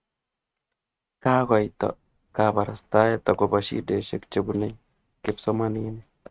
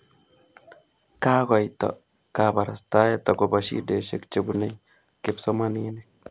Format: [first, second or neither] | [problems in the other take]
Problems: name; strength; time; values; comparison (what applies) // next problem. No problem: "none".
second | noise reduction (neural mask model RNNoise)